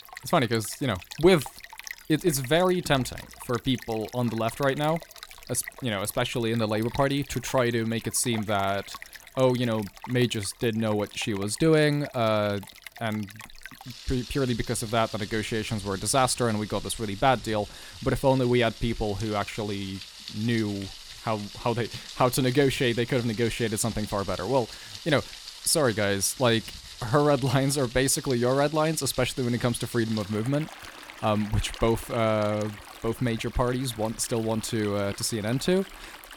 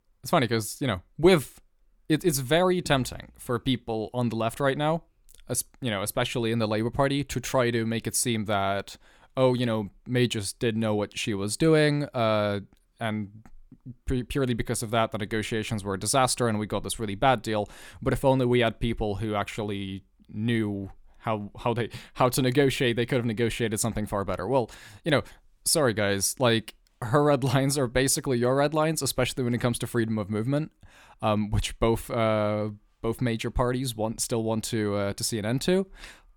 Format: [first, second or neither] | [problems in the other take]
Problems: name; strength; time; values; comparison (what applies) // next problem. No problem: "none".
second | rain or running water; noticeable; throughout; 15 dB below the speech